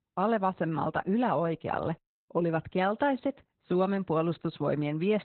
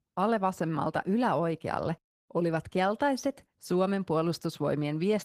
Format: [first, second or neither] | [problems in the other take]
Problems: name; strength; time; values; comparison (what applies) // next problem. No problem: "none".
second | garbled, watery; badly; nothing above 4 kHz; slightly in the second